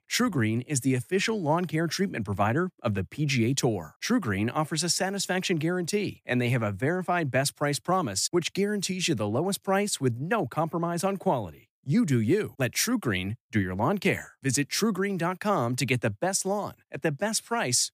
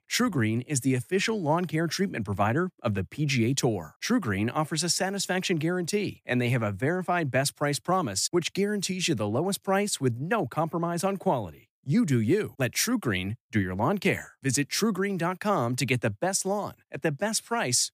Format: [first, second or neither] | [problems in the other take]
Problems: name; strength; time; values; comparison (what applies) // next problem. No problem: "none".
neither | none